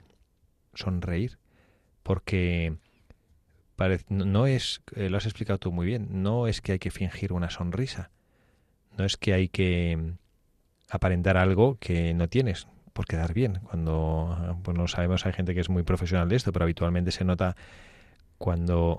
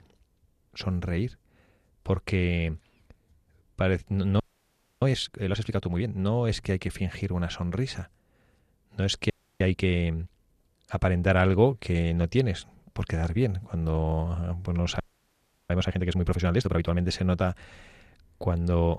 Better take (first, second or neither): first